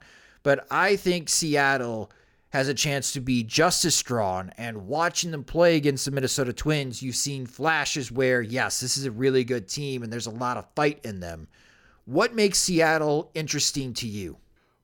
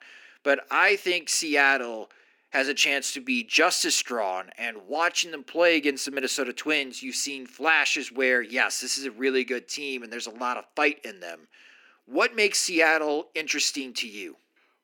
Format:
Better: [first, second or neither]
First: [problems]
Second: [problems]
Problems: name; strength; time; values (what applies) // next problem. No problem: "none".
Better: first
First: none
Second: thin; very slightly; fading below 250 Hz